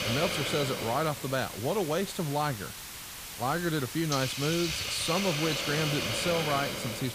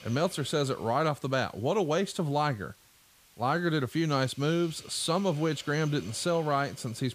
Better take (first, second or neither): second